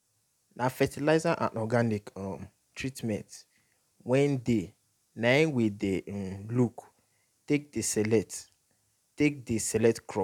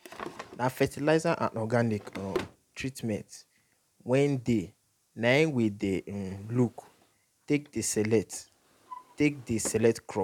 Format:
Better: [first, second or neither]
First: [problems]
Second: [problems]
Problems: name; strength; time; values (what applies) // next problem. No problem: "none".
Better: first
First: none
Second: background sound (Drawer open or close); 18 dB below the speech